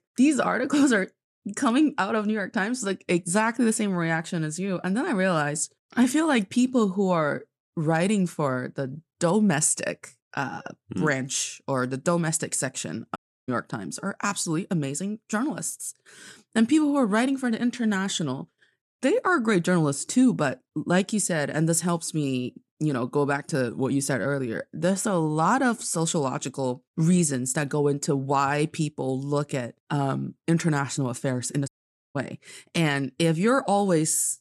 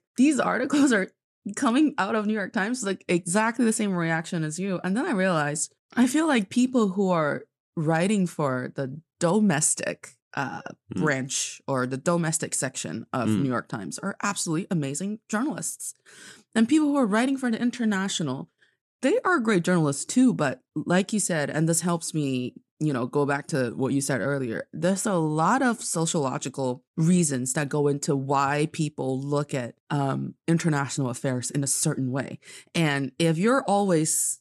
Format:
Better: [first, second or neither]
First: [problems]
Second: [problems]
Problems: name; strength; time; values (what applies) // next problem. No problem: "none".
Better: second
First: audio cutting out; at 13 s and at 32 s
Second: none